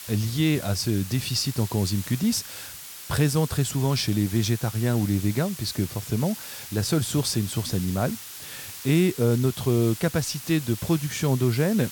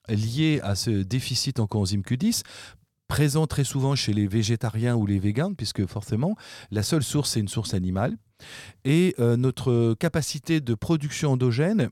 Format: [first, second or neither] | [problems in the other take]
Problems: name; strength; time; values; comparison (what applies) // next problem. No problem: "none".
second | hiss; noticeable; throughout; 10 dB below the speech